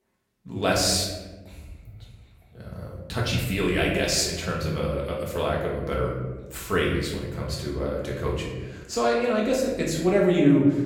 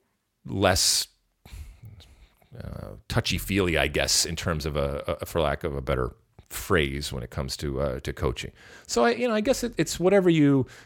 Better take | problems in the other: second | room echo; noticeable; dies away in 1.1 s // off-mic speech; far

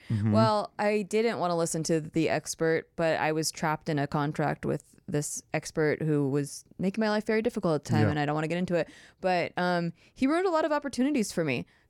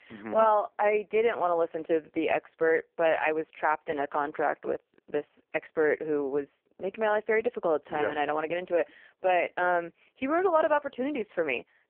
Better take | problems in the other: first | phone-call audio; poor line

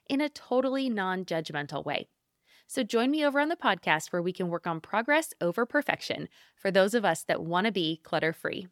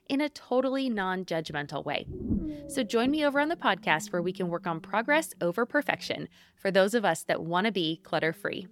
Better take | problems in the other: first | low rumble; noticeable; throughout; 15 dB below the speech

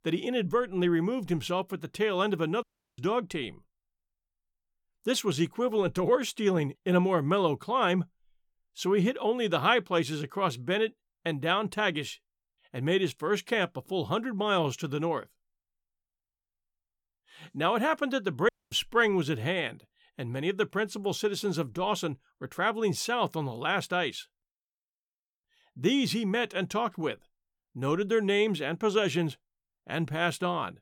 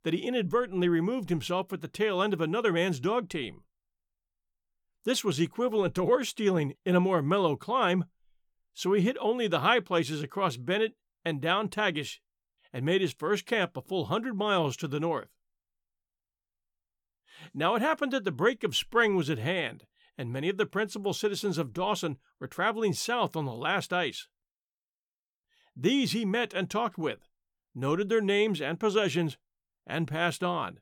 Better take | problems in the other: second | audio cutting out; at 2.5 s and at 18 s

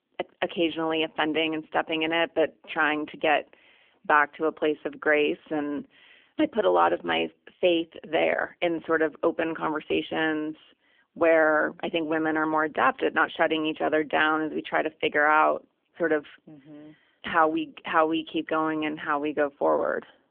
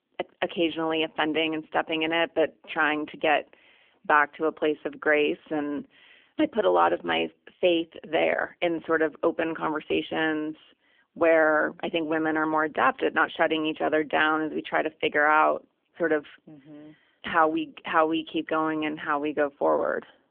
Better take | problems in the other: neither | phone-call audio; nothing above 3 kHz; the same in both

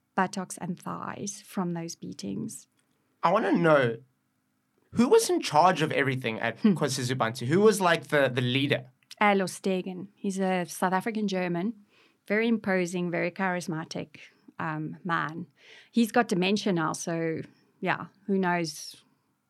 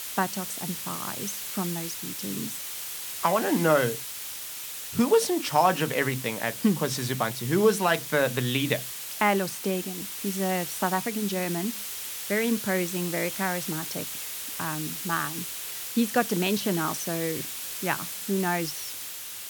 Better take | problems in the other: first | hiss; loud; throughout; 5 dB below the speech

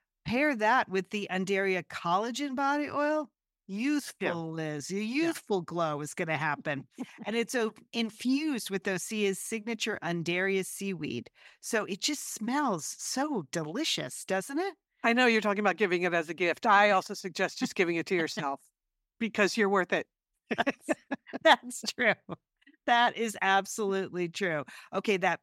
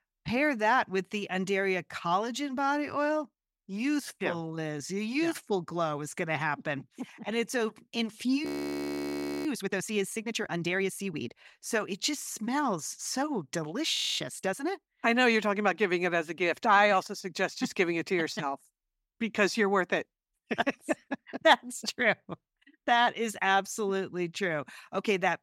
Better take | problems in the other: first | audio freezing; at 8.5 s for 1 s and at 14 s

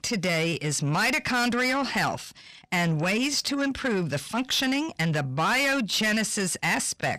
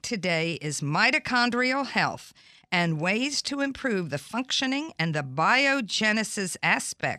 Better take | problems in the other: second | distortion; heavy; 7 dB below the speech

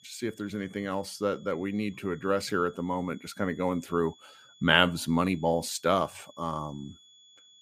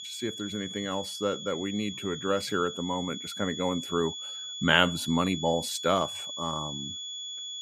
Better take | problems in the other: first | high-pitched whine; loud; throughout; 3.5 kHz, 7 dB below the speech; faint in the first

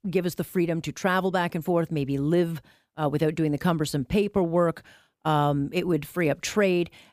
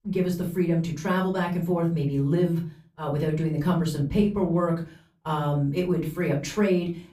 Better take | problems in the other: first | off-mic speech; far // room echo; slight; dies away in 0.4 s

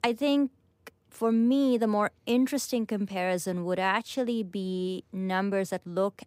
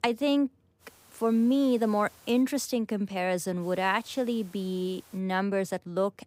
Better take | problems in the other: first | hiss; faint; from 1 to 2.5 s and from 3.5 to 5 s; 25 dB below the speech

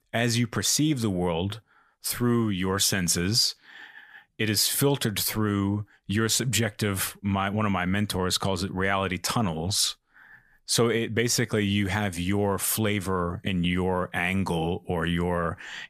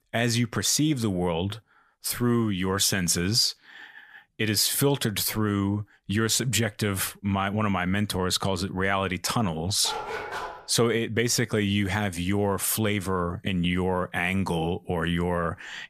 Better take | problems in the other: first | dog barking; noticeable; at 10 s; peak 7 dB below the speech

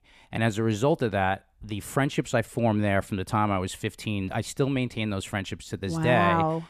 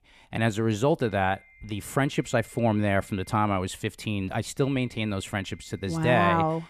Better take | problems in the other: first | high-pitched whine; faint; from 1 to 3.5 s and from 4.5 s on; 2 kHz, 25 dB below the speech

